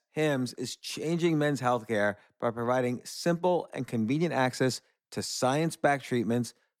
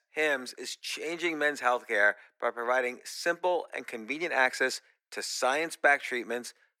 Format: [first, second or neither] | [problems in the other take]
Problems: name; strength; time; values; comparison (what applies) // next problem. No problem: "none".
first | thin; very; fading below 400 Hz